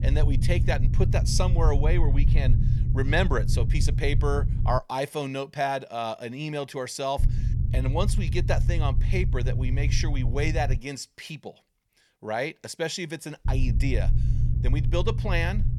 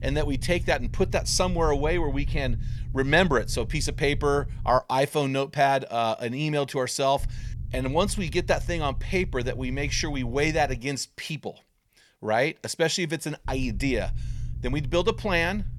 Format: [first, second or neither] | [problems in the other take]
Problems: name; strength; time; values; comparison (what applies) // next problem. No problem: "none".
second | low rumble; loud; until 5 s, from 7 to 11 s and from 13 s on; 10 dB below the speech; faint in the second